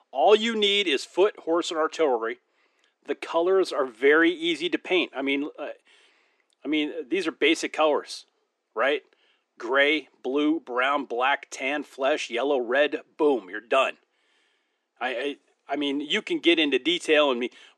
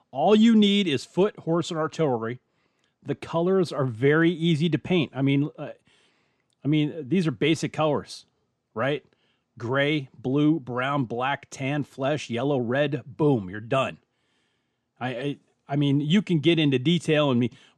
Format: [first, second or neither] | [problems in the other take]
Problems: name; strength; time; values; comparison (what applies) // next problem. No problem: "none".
second | thin; somewhat; fading below 300 Hz